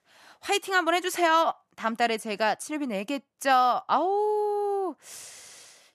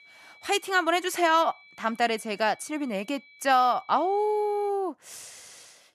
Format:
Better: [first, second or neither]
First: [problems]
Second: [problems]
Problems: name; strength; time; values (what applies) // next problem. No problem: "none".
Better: first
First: none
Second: high-pitched whine; faint; until 4.5 s; 2.5 kHz, 25 dB below the speech